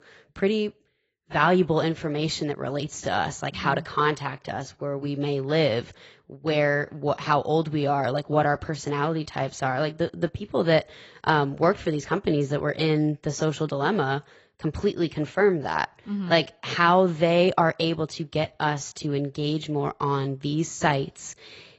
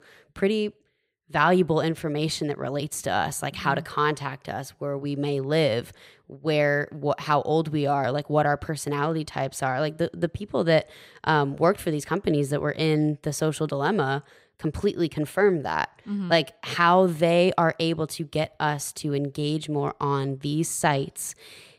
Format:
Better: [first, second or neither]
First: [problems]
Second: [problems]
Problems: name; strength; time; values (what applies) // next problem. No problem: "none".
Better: second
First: garbled, watery; badly; nothing above 7.5 kHz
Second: none